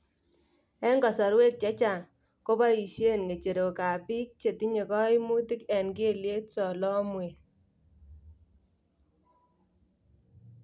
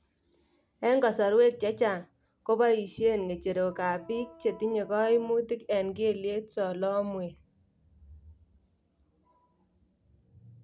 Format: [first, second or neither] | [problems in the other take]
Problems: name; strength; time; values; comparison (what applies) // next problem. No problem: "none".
first | background sound (Organ); 20 dB below the speech